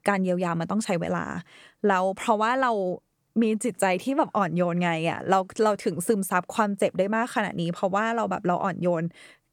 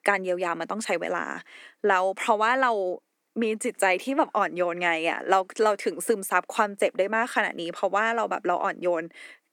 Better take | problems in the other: first | thin; somewhat; fading below 250 Hz

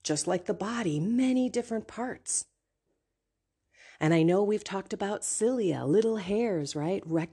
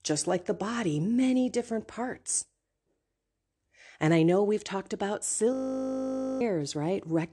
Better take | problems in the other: first | audio freezing; at 5.5 s for 1 s

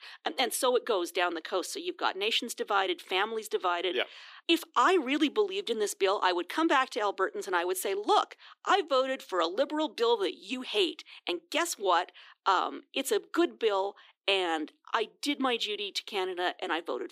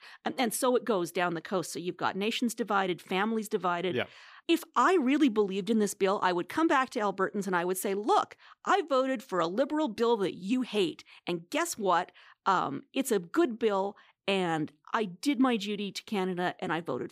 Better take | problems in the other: second | thin; somewhat; fading below 300 Hz

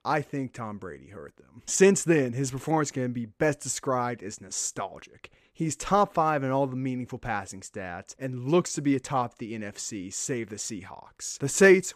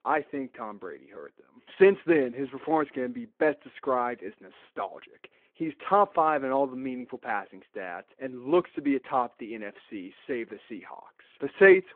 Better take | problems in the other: first | phone-call audio

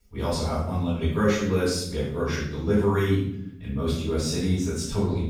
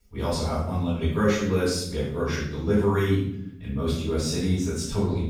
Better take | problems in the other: neither | room echo; noticeable; dies away in 0.8 s; the same in both // off-mic speech; far; the same in both

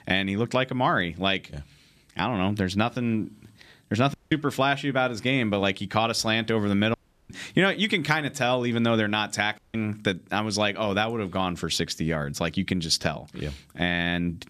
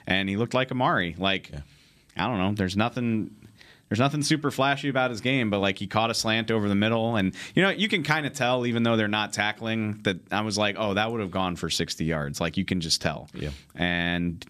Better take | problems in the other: second | audio cutting out; at 4 s, at 7 s and at 9.5 s

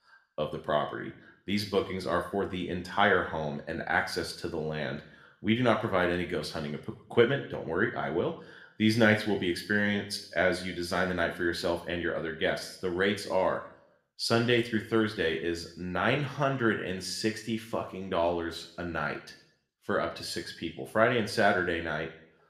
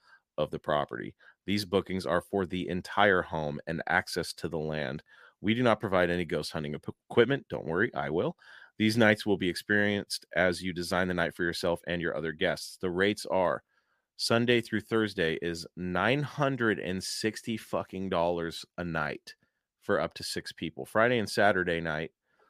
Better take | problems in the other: second | room echo; slight; dies away in 0.6 s

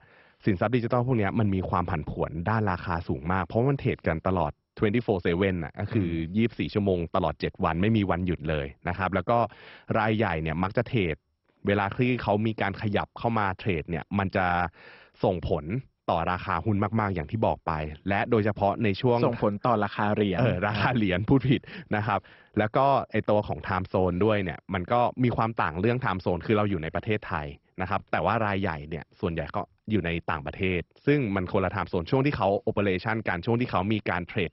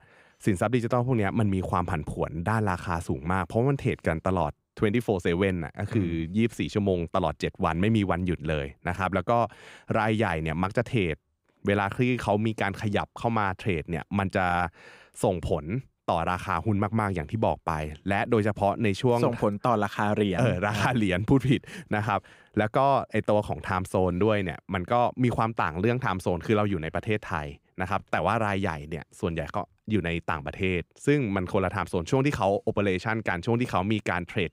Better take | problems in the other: second | garbled, watery; badly; nothing above 5.5 kHz

